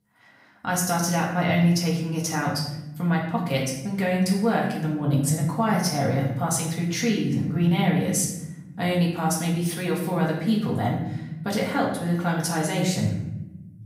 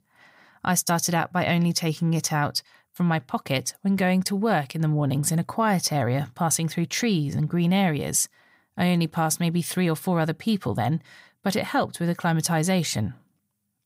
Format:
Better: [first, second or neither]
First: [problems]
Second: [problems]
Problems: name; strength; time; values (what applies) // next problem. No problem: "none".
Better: second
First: room echo; noticeable; dies away in 0.9 s // off-mic speech; far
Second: none